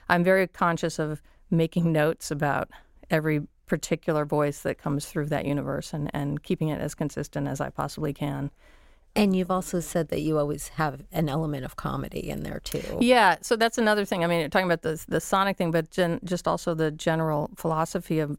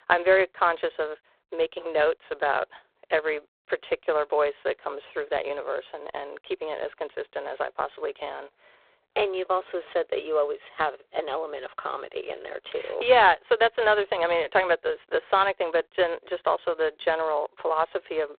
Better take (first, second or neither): first